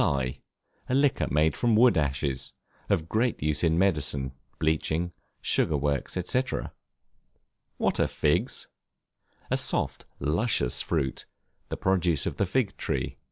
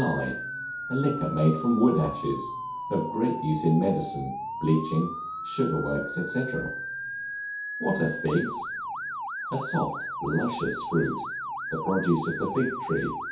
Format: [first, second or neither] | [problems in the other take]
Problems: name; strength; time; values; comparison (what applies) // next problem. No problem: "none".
first | background sound (Motor vehicle (road) / Siren); 6 dB below the speech // room echo; dies away in 0.6 s